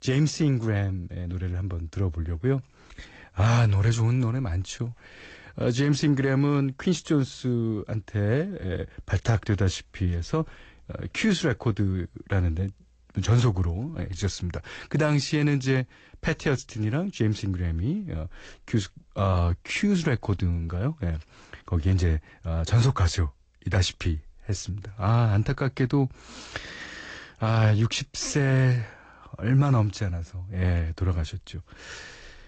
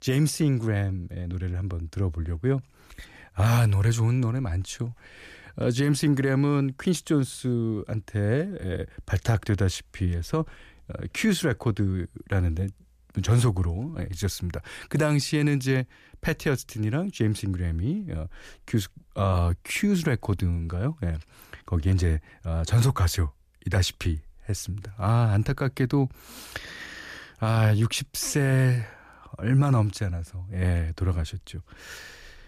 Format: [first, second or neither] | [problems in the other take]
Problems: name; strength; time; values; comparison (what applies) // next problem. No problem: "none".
second | garbled, watery; slightly; nothing above 8 kHz